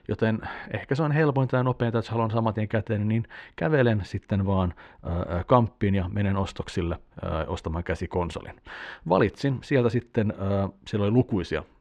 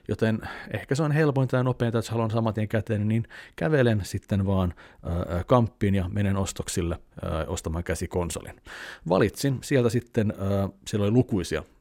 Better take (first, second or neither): second